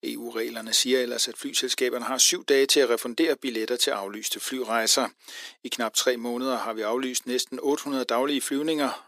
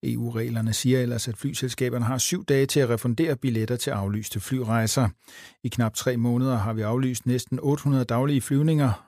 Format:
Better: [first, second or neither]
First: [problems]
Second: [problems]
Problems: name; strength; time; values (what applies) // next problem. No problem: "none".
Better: second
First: thin; somewhat; fading below 300 Hz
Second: none